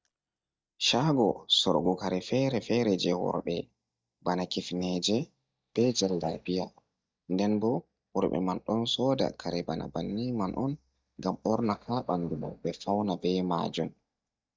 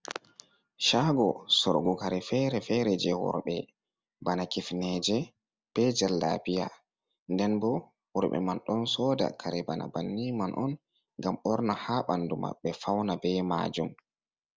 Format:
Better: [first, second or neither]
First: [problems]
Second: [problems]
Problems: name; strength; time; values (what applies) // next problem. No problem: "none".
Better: second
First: noise reduction (neural mask model DeepFilterNet 3)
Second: none